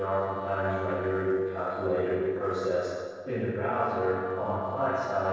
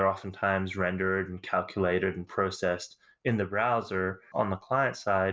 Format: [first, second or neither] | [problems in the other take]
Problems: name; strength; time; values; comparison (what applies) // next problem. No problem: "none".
second | noise reduction (neural separator model SepFormer DNS4)